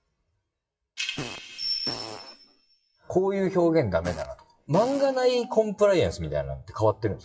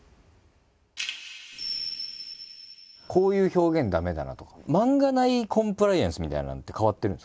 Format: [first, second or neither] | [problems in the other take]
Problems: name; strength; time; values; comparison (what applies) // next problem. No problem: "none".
second | noise reduction (classical method WPE with log-MMSE)